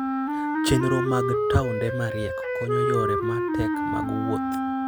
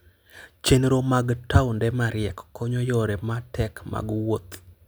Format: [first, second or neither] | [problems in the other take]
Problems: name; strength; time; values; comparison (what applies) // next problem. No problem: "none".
second | background sound (Wind instrument, woodwind instrument); 2 dB above the speech